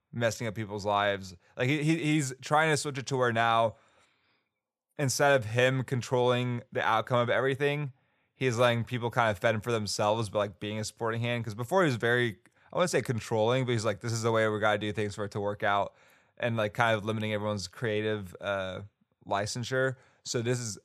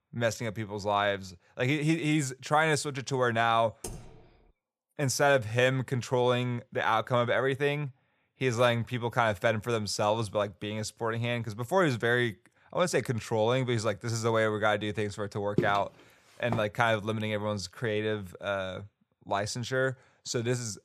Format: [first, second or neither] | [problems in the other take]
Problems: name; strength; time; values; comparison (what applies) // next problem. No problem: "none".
first | keyboard typing; faint; at 4 s; peak 15 dB below the speech // footsteps; noticeable; at 16 s; peak 4 dB below the speech